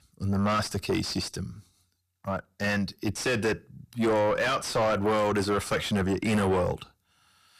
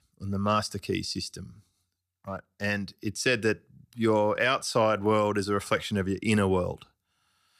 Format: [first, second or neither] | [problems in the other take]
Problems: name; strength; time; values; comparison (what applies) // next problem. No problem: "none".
second | distortion; heavy; 6 dB below the speech